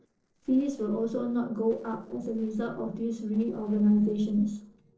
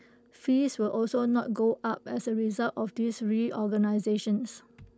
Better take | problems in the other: second | noise reduction (neural separator model SepFormer DNS4)

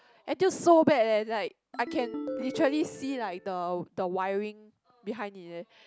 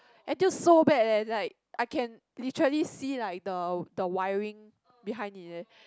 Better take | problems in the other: second | background sound (Ringtone); 10 dB below the speech

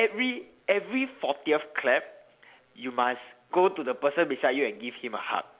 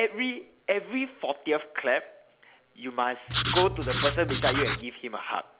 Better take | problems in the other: first | background sound (Writing); as loud as the speech

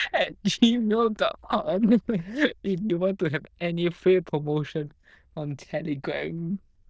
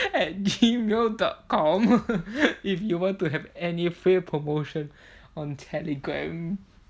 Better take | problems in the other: second | noise reduction (neural diffusion model UNIVERSE++)

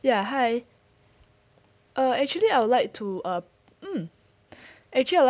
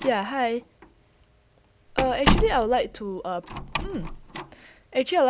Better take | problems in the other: first | background sound (Slam); 3 dB below the speech

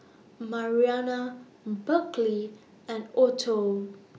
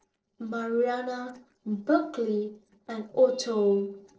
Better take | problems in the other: first | noise reduction (neural separator model SepFormer DNS4)

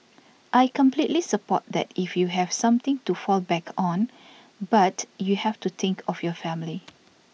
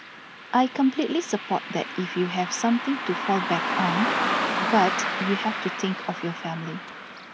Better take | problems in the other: first | background sound (Car passing by); 3 dB below the speech

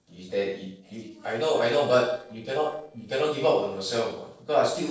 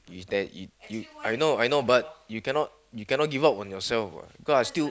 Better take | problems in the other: second | noise reduction (neural separator model SepFormer DNS4)

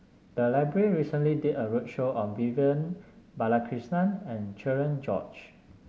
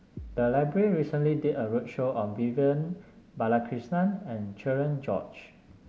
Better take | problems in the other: first | background sound (Bass drum); 14 dB below the speech

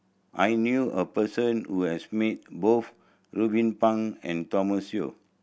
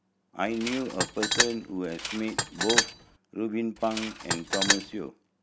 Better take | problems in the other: first | background sound (Tools); 2 dB above the speech

